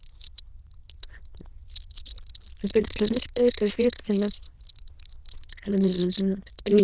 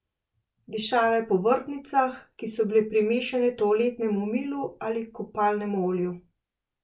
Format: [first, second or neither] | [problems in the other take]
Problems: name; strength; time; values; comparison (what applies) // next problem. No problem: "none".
second | noise reduction (neural diffusion model UNIVERSE++)